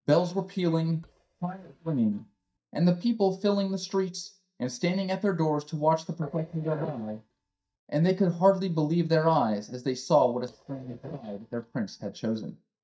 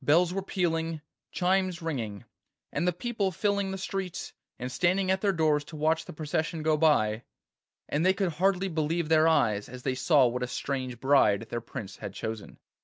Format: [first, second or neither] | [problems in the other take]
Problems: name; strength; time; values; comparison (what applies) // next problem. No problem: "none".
second | noise reduction (neural mask model DeepFilterNet 3)